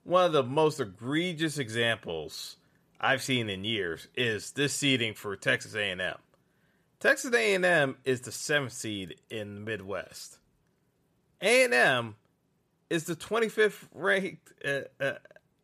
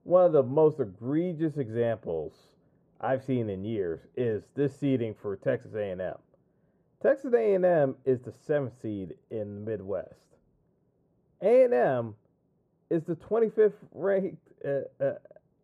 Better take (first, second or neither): first